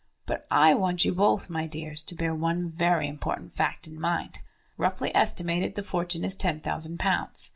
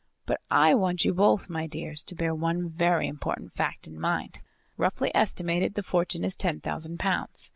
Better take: second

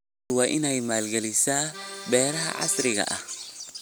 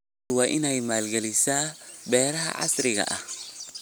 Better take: second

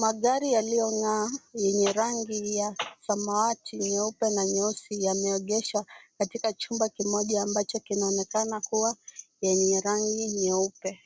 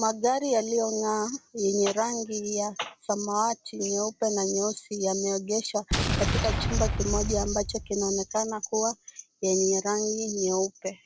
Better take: first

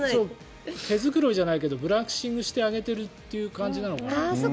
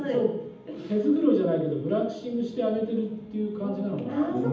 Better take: first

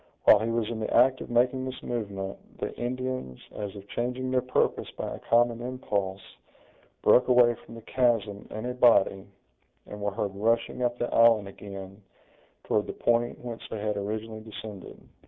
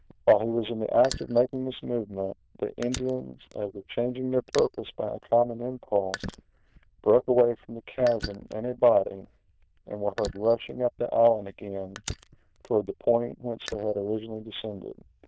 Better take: first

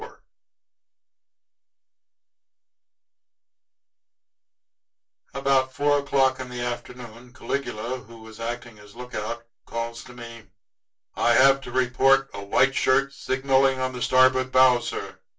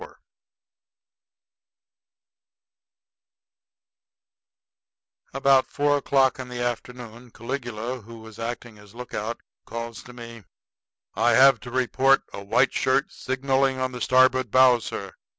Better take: second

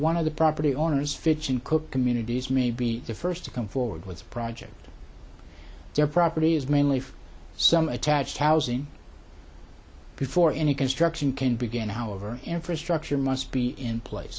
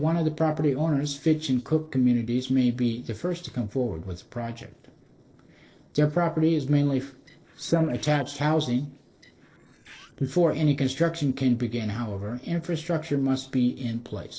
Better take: first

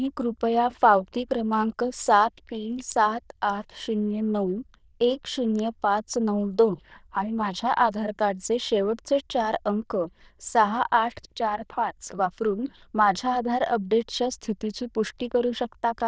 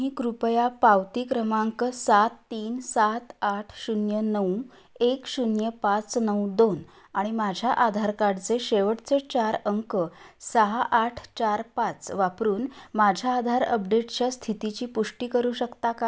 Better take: second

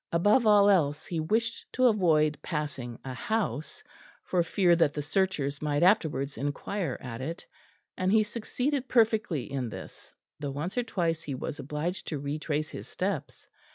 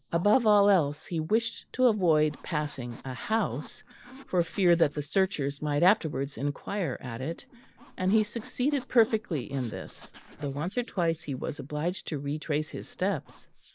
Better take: first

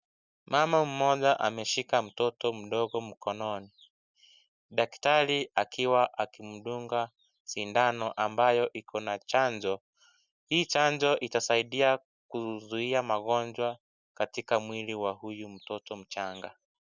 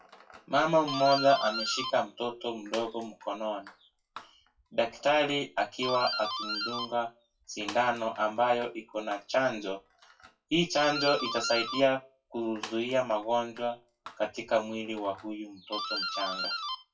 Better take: first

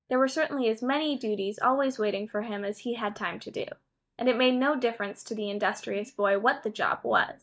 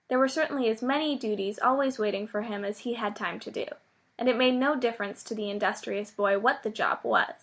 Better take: second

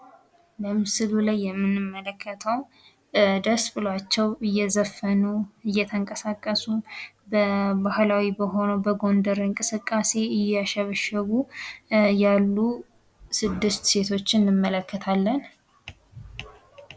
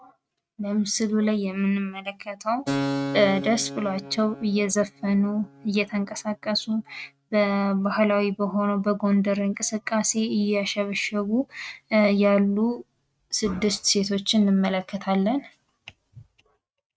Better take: first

